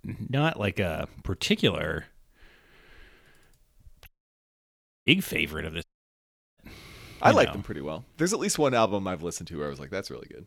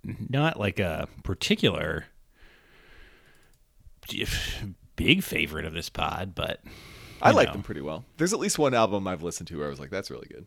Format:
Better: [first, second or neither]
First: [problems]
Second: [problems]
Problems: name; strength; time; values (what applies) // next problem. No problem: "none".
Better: second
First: audio cutting out; at 4 s for 1 s and at 6 s for 0.5 s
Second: none